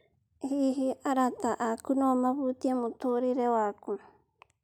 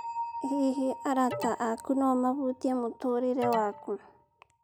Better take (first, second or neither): first